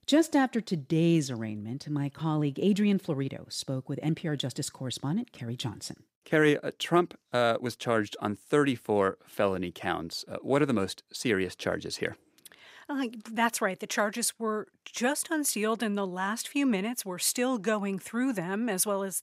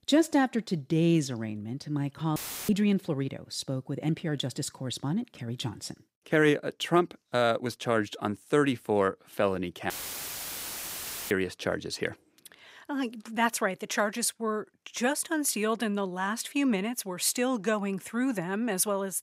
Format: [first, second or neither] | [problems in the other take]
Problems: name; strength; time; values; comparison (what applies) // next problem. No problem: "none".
first | audio cutting out; filled with static; at 2.5 s and at 10 s for 1.5 s